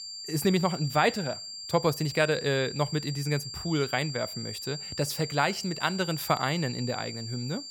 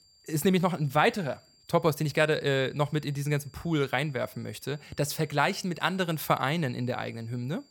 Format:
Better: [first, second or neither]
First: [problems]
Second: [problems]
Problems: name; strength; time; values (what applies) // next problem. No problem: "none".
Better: second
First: high-pitched whine; loud; throughout; 4.5 kHz, 8 dB below the speech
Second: high-pitched whine; faint; throughout; 4.5 kHz, 30 dB below the speech